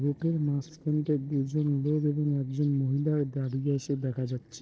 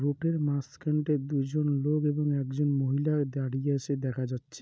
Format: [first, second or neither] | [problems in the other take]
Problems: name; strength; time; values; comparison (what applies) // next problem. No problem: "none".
second | noise reduction (neural separator model SepFormer DNS4)